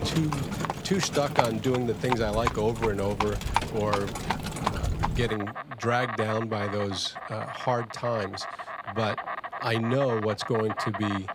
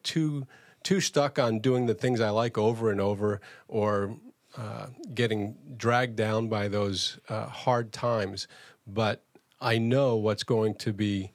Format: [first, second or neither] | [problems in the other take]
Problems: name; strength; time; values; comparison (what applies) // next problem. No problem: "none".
second | animal sounds; loud; throughout; 4 dB below the speech